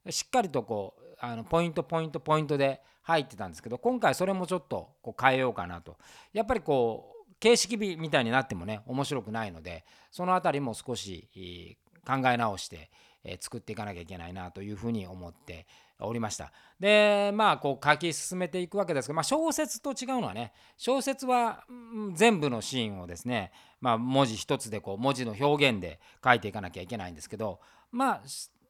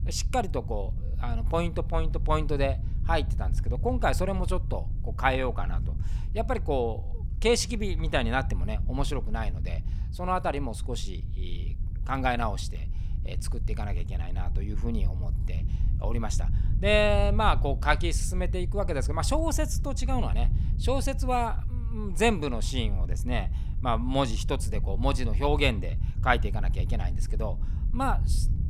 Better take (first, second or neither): first